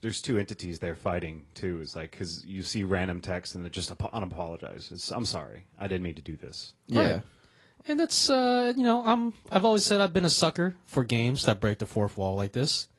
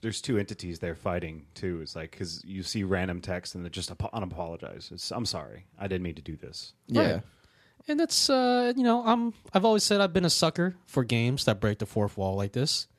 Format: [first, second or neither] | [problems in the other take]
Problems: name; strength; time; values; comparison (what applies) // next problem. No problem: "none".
second | garbled, watery; slightly; nothing above 11 kHz